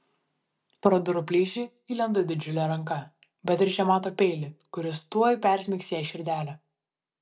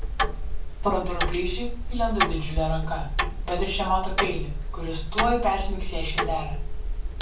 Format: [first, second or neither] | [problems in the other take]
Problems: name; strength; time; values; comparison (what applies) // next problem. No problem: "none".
first | background sound (Tick-tock); 3 dB above the speech // room echo; dies away in 0.3 s